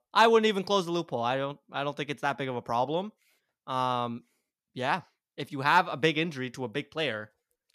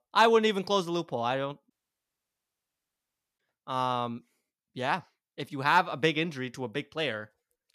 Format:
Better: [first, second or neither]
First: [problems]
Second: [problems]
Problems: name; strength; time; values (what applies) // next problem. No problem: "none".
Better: first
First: none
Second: audio cutting out; at 1.5 s for 1.5 s